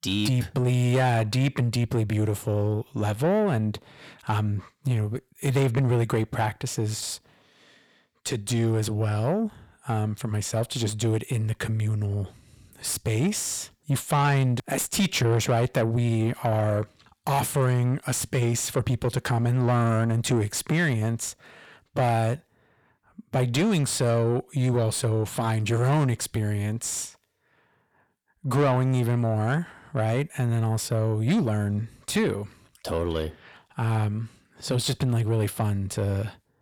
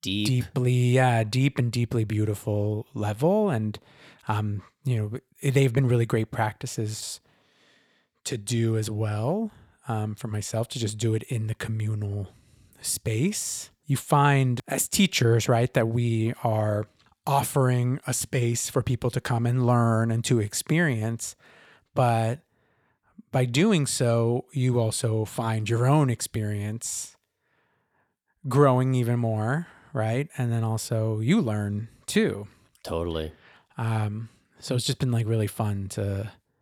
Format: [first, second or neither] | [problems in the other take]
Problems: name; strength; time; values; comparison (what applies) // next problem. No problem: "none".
second | distortion; slight; 10 dB below the speech